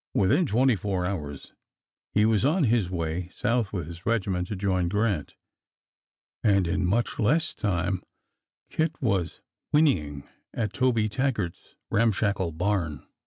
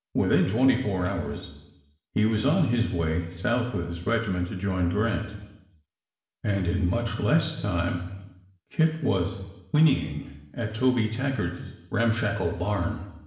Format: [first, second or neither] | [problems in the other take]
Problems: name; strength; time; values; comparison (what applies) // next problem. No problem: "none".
first | room echo; dies away in 1 s